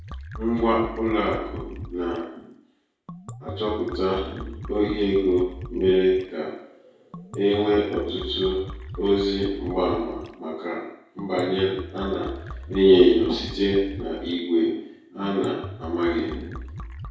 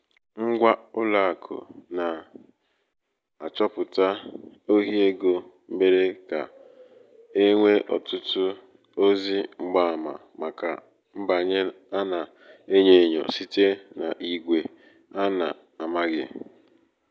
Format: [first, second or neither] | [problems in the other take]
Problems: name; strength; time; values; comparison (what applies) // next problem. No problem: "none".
second | background sound (Liquid); 13 dB below the speech // room echo; dies away in 0.6 s